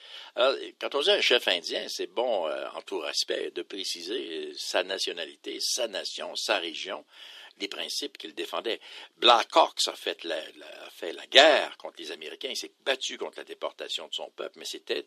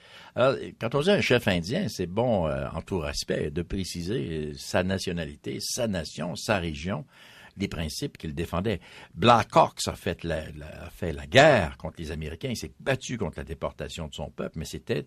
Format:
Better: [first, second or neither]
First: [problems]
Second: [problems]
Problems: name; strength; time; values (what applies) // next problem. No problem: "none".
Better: second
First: thin; very; fading below 300 Hz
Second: none